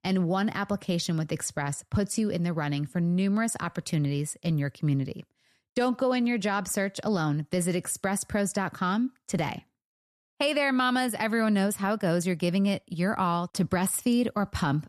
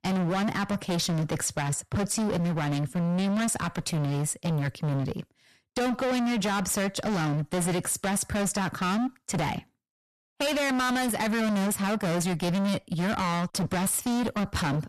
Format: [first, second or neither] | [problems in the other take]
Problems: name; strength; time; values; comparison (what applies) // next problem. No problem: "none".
first | distortion; heavy; 38% of the sound clipped